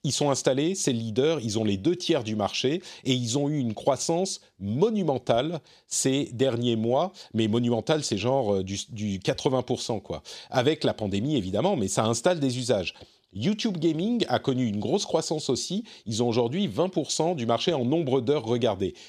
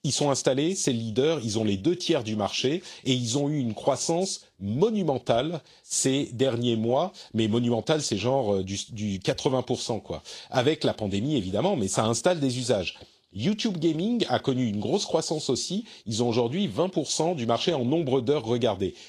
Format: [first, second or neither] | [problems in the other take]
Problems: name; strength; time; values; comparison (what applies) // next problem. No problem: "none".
first | garbled, watery; slightly